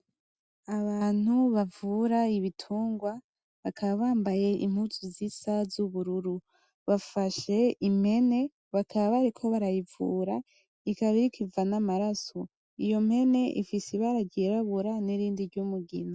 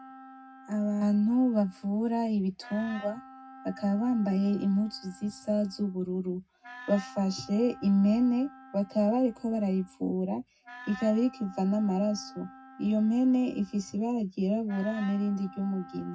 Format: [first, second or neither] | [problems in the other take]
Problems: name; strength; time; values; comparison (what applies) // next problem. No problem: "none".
first | background sound (Wind instrument, woodwind instrument); 20 dB below the speech // room echo; dies away in 0.4 s